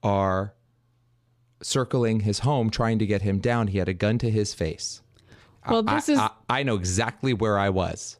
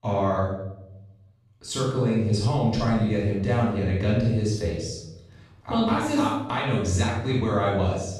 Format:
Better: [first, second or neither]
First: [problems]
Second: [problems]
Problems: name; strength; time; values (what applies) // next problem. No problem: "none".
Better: first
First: none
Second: off-mic speech; far // room echo; noticeable; dies away in 0.8 s